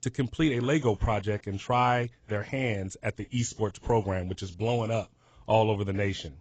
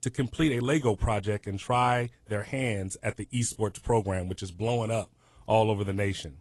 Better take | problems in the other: second | garbled, watery; badly; nothing above 7.5 kHz; slightly in the second

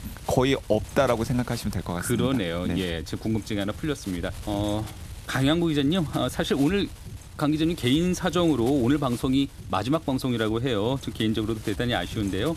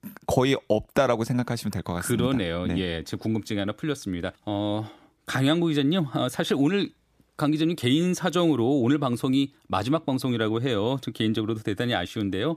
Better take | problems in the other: second | wind noise on the microphone; occasional gusts; 20 dB below the speech

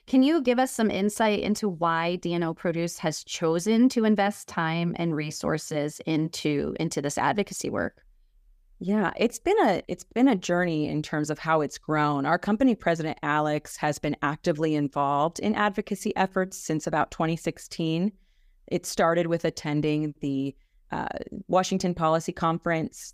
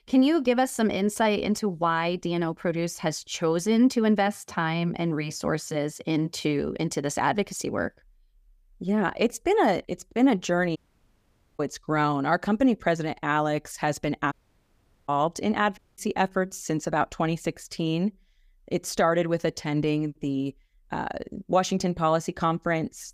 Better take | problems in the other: first | audio cutting out; at 11 s for 1 s, at 14 s for 1 s and at 16 s

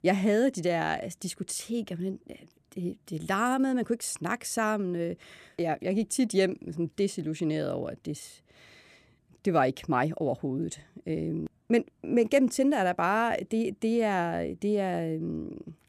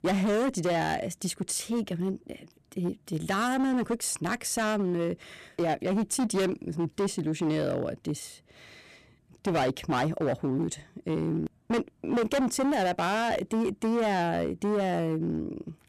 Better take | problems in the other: first | distortion; heavy; 16% of the sound clipped

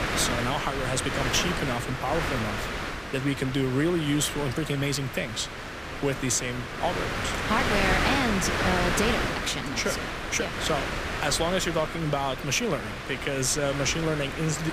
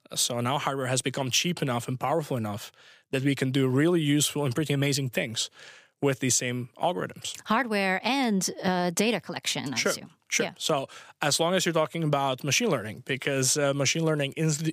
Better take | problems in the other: second | wind noise on the microphone; heavy; 1 dB below the speech

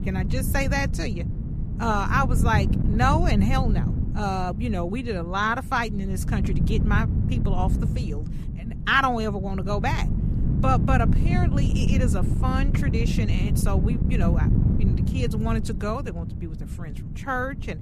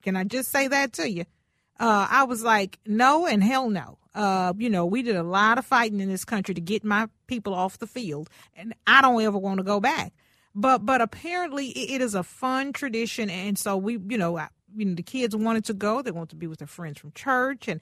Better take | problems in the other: second | wind noise on the microphone; heavy; 10 dB below the speech

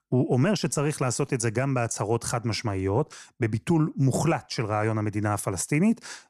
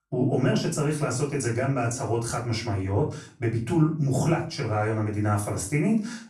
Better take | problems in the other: first | off-mic speech; far // room echo; slight; dies away in 0.4 s

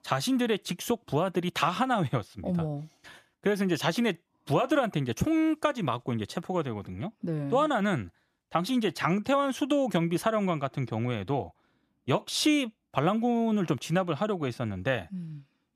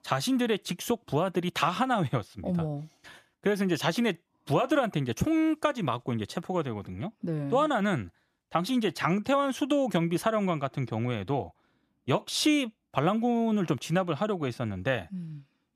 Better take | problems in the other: neither | none

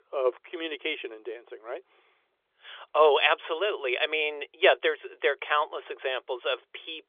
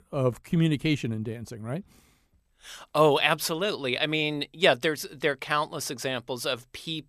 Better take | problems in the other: second | phone-call audio; nothing above 3.5 kHz

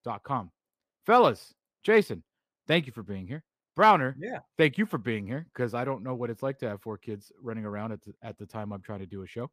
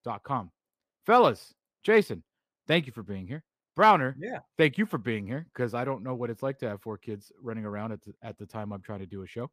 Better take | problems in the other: neither | none

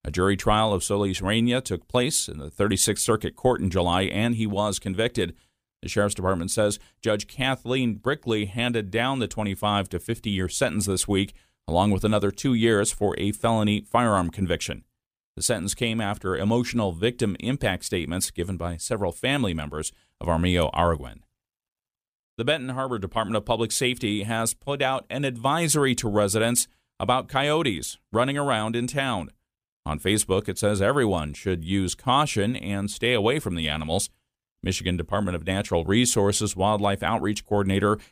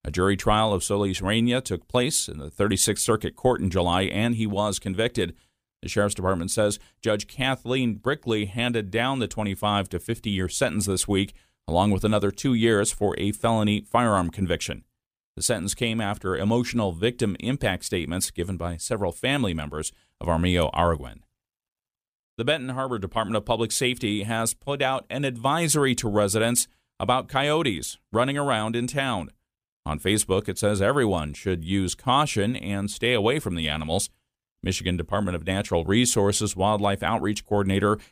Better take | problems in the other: neither | none

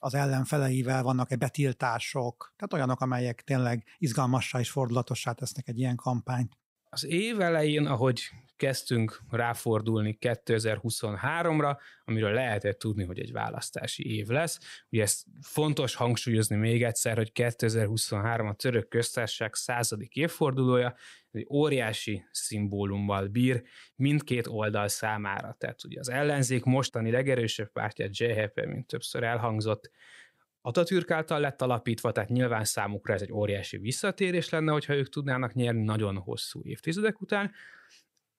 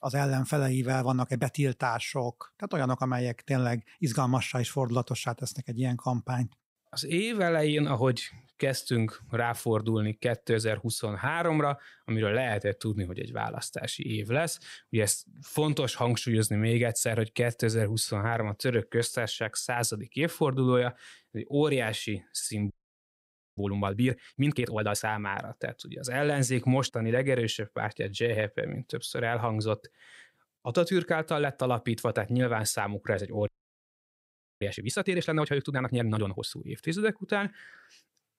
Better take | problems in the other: first | audio freezing; at 23 s for 1 s and at 33 s for 1 s

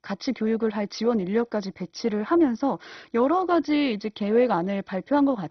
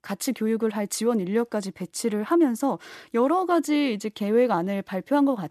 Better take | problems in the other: second | garbled, watery; badly; nothing above 6 kHz

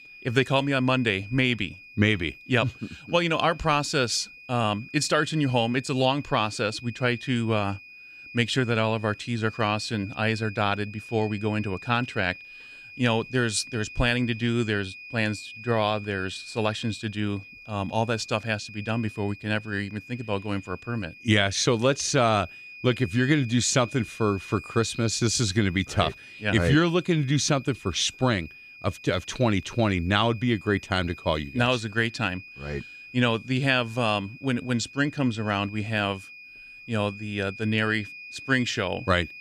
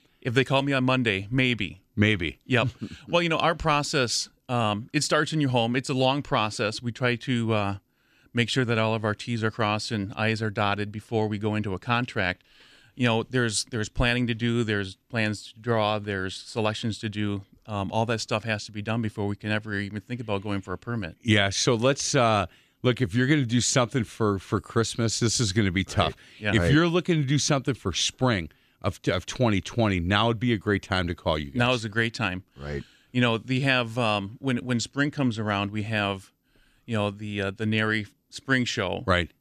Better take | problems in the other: second | high-pitched whine; noticeable; throughout; 2.5 kHz, 15 dB below the speech

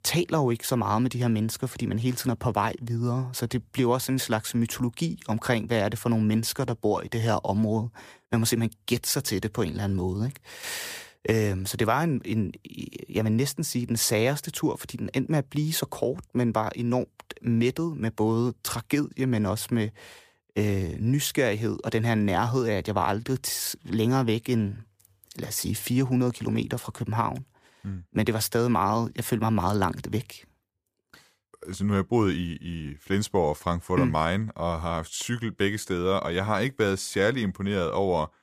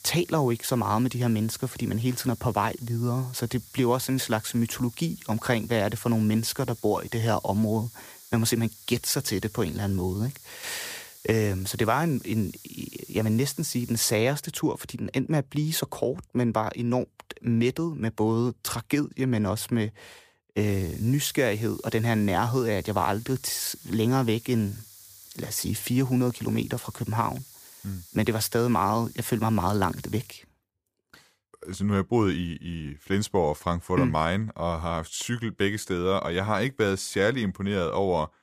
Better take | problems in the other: first | hiss; noticeable; until 14 s and from 21 to 30 s; 20 dB below the speech

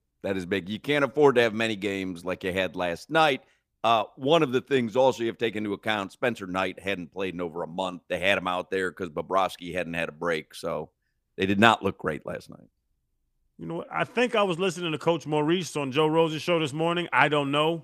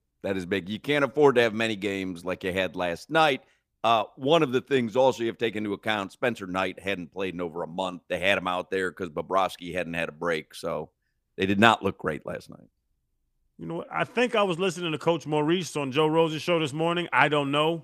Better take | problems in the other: neither | none

